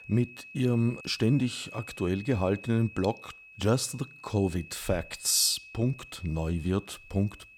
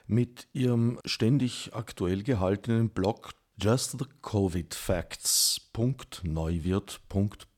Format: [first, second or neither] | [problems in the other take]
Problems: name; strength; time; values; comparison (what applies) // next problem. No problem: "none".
second | high-pitched whine; noticeable; throughout; 2.5 kHz, 15 dB below the speech